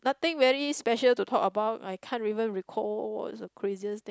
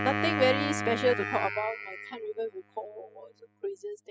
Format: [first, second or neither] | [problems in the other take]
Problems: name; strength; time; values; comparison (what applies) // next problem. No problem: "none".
first | noise reduction (classical method spectral subtraction)